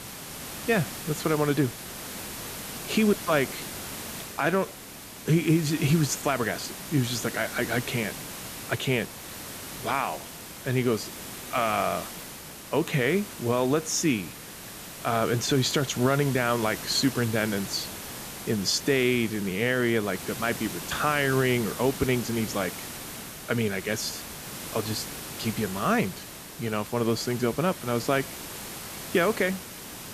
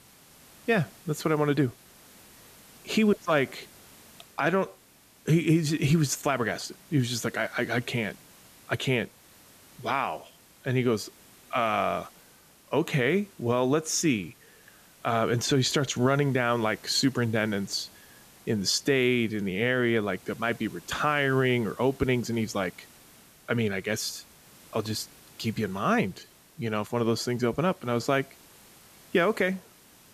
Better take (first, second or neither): second